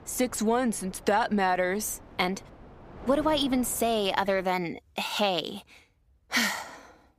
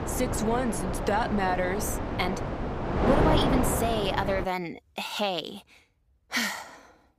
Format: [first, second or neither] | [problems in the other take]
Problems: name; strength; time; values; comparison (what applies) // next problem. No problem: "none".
first | wind noise on the microphone; heavy; until 4.5 s; 2 dB below the speech; occasional gusts in the first